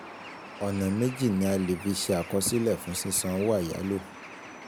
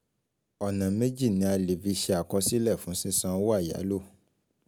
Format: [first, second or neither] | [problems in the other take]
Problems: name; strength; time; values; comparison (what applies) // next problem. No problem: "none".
second | background sound (Bird); 14 dB below the speech